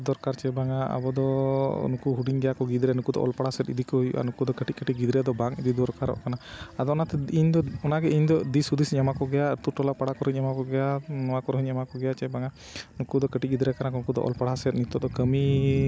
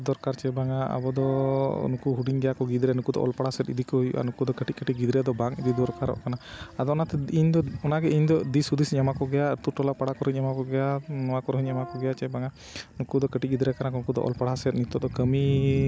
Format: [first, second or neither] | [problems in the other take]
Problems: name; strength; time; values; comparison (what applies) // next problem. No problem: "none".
first | background sound (Brass instrument); 18 dB below the speech